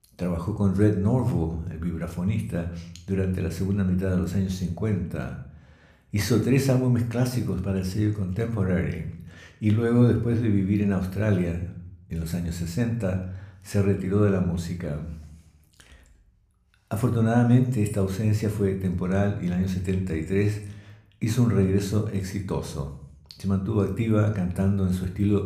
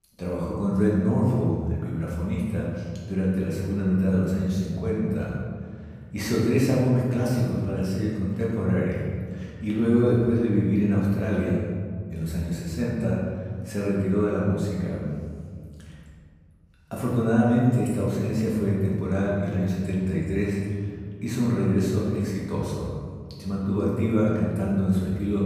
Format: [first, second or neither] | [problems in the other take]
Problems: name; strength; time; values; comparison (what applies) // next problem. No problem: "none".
first | room echo; strong; dies away in 1.9 s; slight in the first // off-mic speech; far